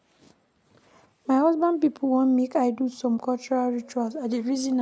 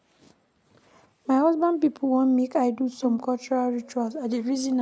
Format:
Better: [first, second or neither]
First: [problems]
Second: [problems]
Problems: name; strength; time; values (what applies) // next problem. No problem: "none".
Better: first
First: none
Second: background sound (Bowed string instrument); 15 dB below the speech